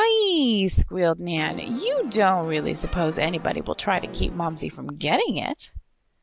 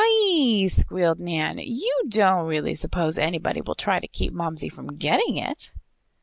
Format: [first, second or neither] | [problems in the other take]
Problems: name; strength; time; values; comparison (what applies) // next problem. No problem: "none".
second | background sound (Brass instrument); 17 dB below the speech